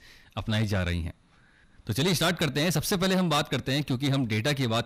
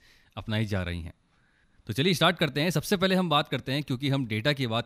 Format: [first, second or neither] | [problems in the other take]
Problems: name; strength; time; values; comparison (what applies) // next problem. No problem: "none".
second | distortion; heavy; 7 dB below the speech